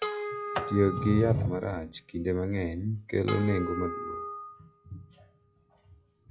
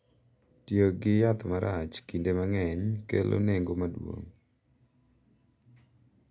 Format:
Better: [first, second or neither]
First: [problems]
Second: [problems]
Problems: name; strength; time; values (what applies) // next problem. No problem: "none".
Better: second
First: noise reduction (classical method log-MMSE)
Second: none